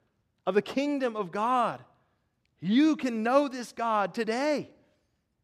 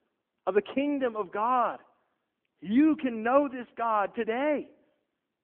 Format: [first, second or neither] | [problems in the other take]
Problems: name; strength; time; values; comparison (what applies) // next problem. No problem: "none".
first | phone-call audio